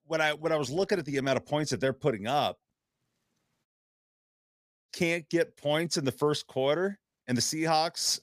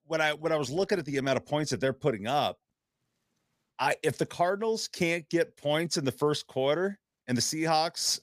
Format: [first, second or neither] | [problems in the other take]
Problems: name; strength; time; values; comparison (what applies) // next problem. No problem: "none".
second | audio cutting out; at 3.5 s for 1 s